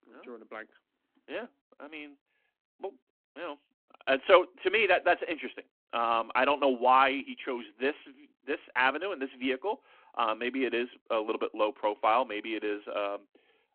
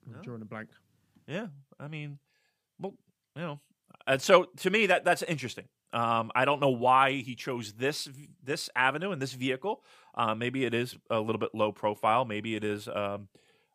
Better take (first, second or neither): second